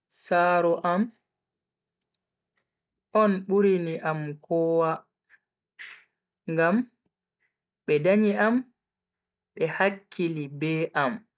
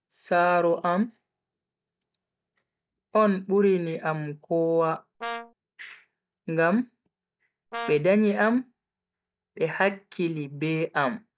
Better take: first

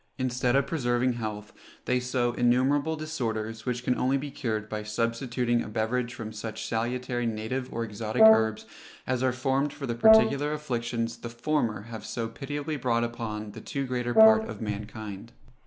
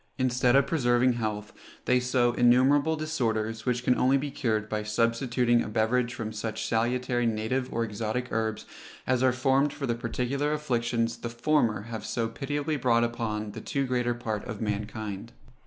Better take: second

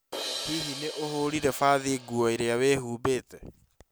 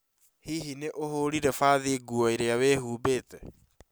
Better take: second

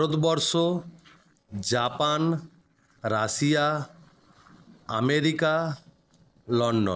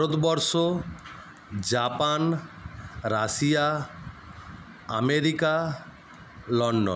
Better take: second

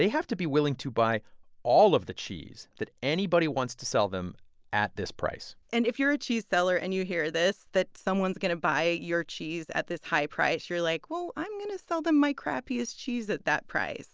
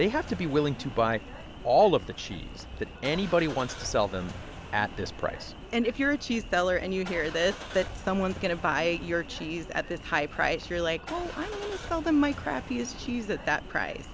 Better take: first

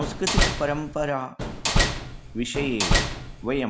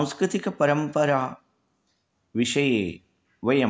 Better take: second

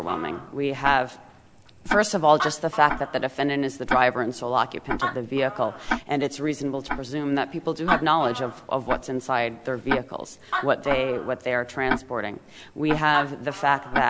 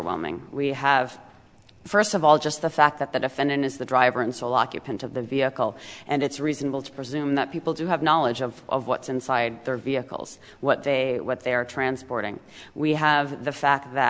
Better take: second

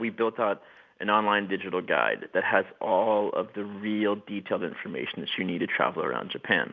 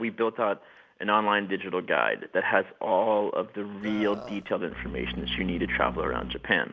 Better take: first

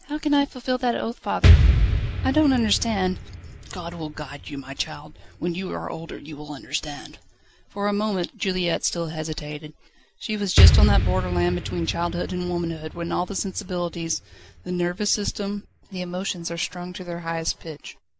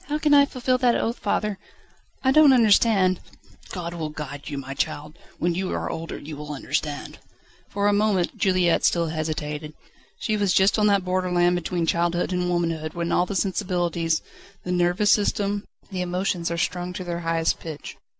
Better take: second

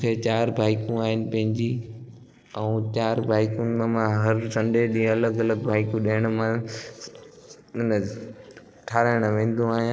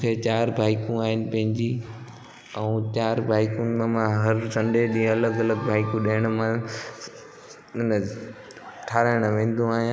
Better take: second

